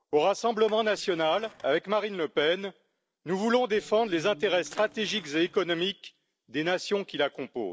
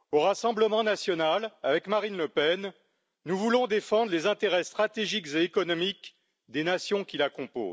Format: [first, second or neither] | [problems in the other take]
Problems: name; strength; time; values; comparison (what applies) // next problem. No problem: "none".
second | noise reduction (neural separator model SepFormer DNS4)